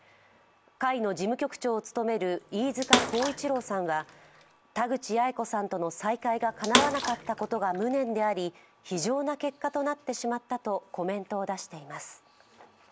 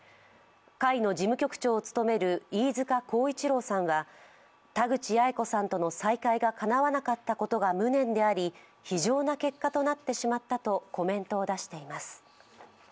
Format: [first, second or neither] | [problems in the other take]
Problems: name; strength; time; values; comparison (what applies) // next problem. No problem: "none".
second | background sound (Bathtub (filling or washing) / Water / Splash, splatter); 1 dB below the speech